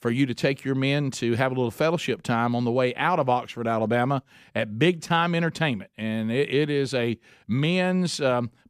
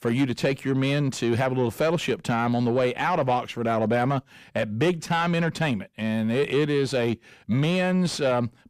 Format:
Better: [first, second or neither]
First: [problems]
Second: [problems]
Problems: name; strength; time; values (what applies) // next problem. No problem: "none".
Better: first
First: none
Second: distortion; slight; 10 dB below the speech